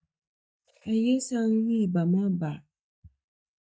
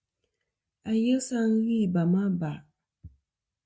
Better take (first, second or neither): second